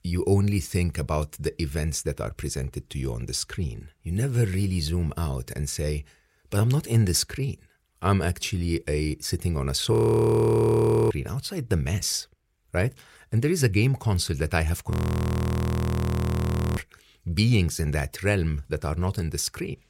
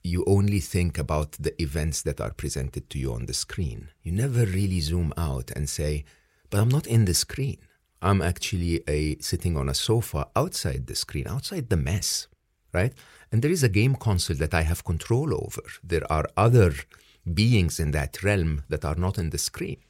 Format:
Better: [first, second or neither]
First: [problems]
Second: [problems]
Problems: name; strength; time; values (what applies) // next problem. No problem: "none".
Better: second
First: audio freezing; at 10 s for 1 s and at 15 s for 2 s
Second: none